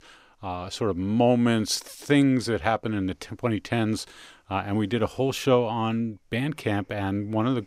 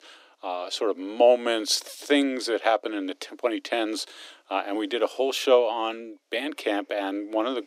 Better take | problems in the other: first | thin; somewhat; fading below 300 Hz

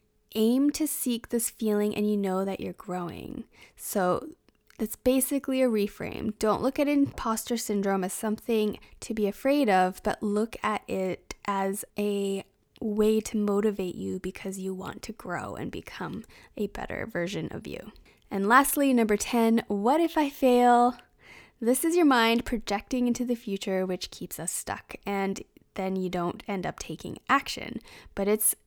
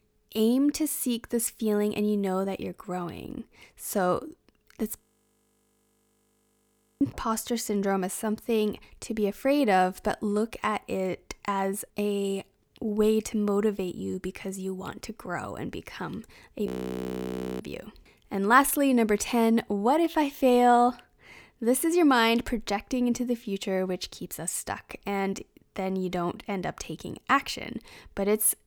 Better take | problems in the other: first | audio freezing; at 5 s for 2 s and at 17 s for 1 s

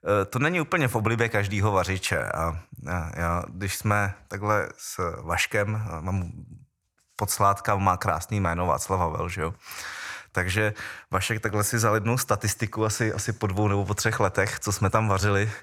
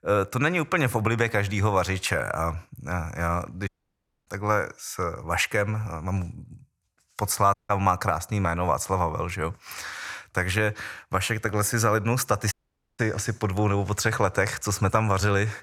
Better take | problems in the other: first | audio cutting out; at 3.5 s for 0.5 s, at 7.5 s and at 13 s

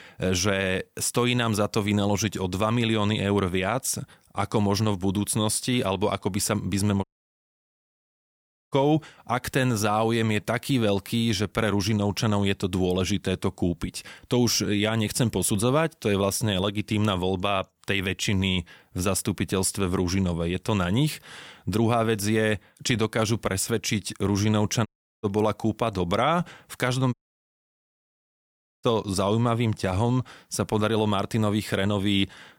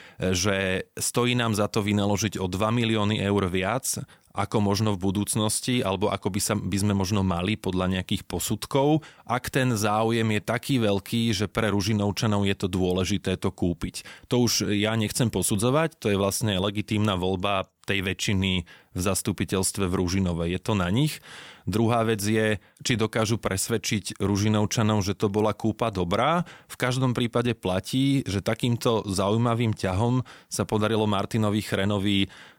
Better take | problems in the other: second | audio cutting out; at 7 s for 1.5 s, at 25 s and at 27 s for 1.5 s

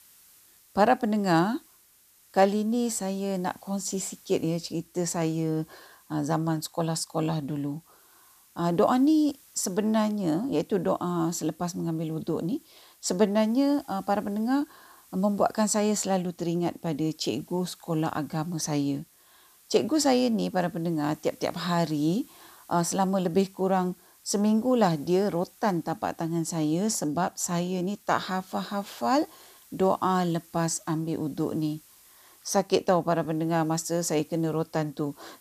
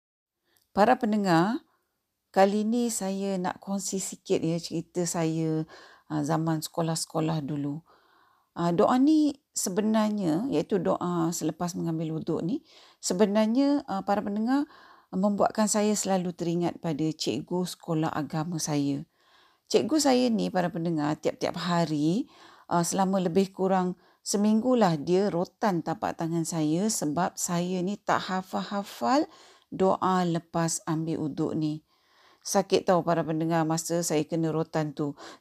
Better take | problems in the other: second | hiss; faint; throughout; 25 dB below the speech

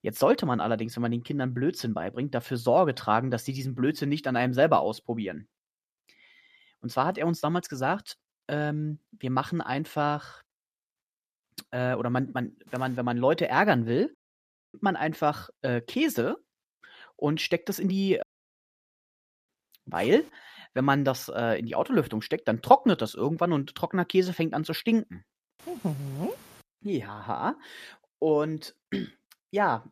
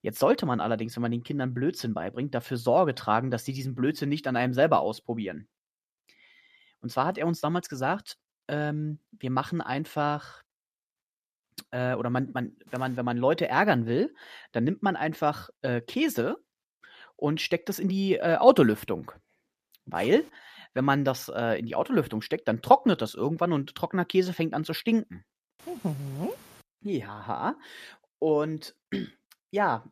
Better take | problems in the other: second | audio cutting out; at 14 s for 0.5 s and at 18 s for 1.5 s

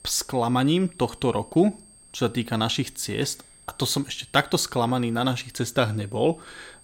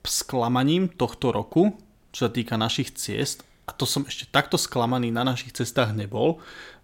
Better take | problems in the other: second | high-pitched whine; faint; throughout; 8.5 kHz, 25 dB below the speech

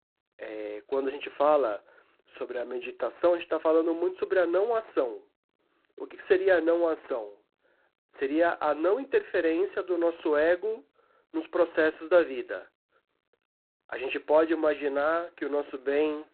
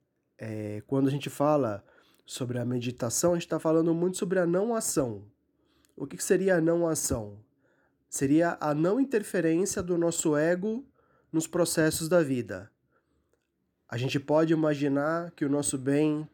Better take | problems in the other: second | phone-call audio; poor line; nothing above 4 kHz

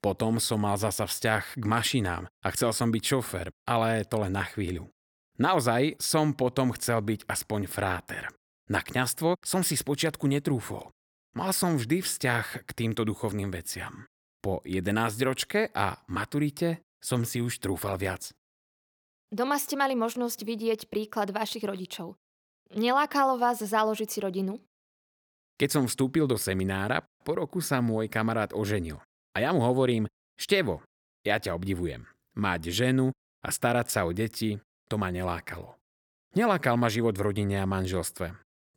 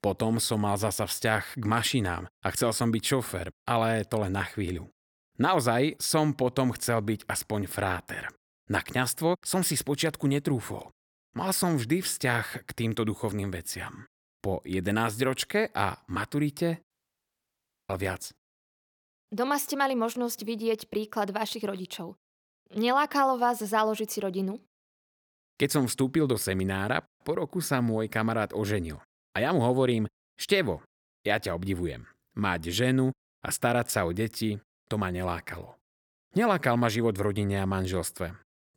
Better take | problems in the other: first | audio cutting out; at 17 s for 1 s

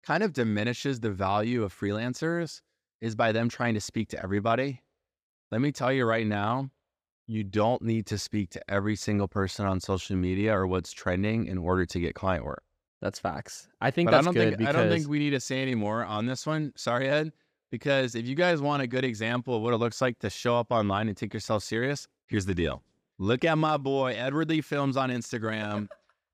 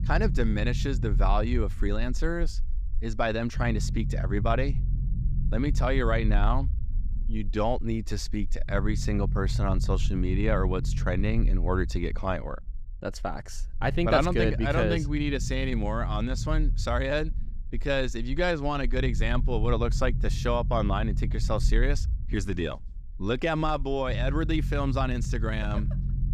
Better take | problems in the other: first | low rumble; noticeable; throughout; 15 dB below the speech

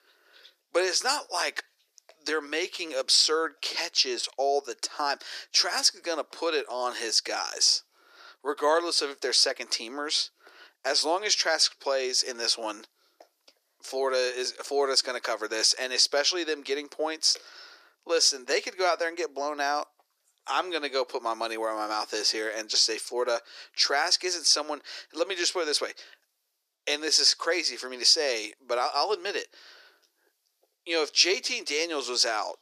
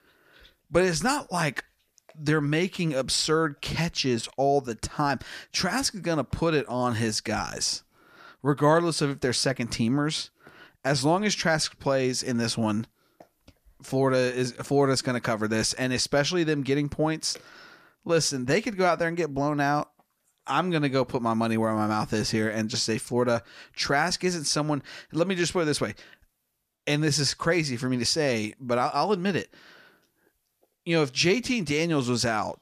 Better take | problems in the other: second | thin; very; fading below 350 Hz

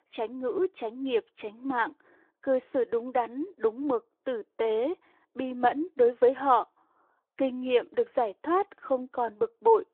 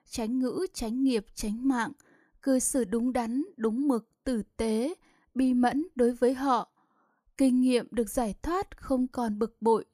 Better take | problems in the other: second | phone-call audio

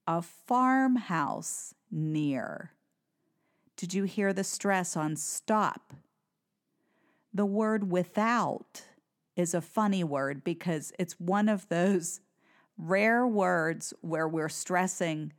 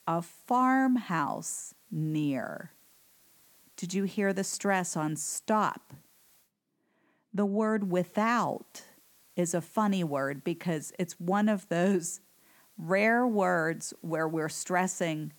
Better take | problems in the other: first | hiss; faint; until 6.5 s and from 8 s on; 30 dB below the speech

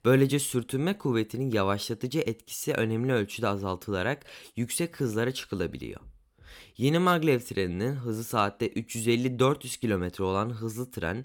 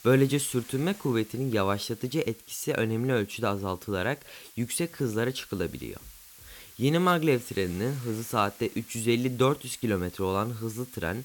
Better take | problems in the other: first | hiss; noticeable; throughout; 20 dB below the speech

